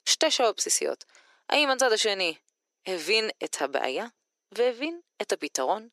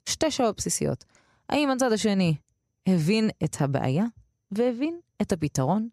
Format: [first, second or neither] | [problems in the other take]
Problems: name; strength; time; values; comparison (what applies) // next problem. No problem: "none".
second | thin; very; fading below 350 Hz